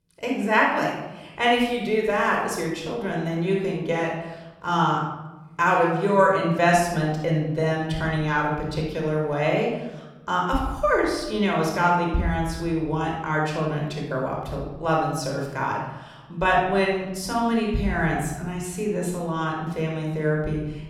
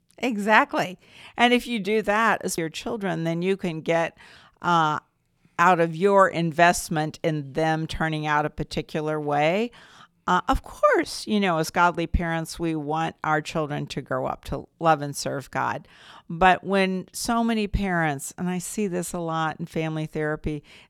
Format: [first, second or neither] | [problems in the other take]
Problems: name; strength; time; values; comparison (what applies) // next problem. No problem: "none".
second | room echo; noticeable; dies away in 0.9 s // off-mic speech; somewhat distant